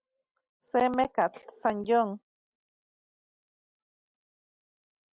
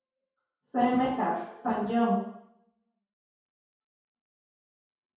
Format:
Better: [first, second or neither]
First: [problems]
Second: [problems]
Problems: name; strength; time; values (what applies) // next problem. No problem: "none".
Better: first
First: none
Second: room echo; dies away in 0.6 s